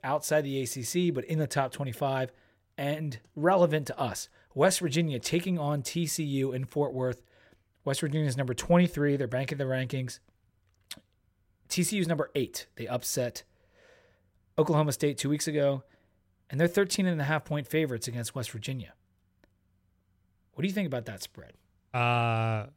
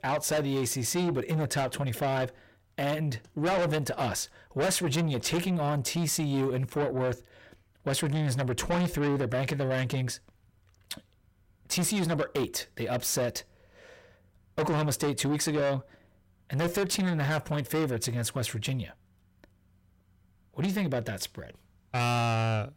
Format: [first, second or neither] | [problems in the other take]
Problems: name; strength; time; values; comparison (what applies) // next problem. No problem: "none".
first | distortion; heavy; 6 dB below the speech